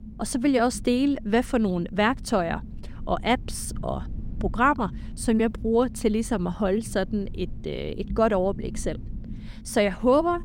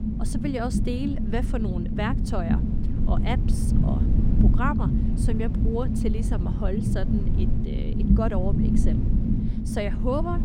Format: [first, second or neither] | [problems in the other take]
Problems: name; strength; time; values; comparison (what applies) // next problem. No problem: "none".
first | low rumble; loud; throughout; 2 dB below the speech; faint in the first